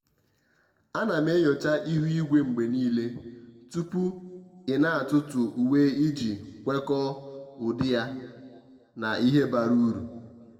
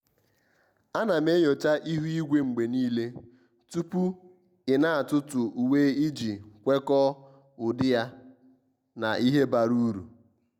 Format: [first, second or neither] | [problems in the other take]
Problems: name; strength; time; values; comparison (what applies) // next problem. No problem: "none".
second | room echo; dies away in 1.2 s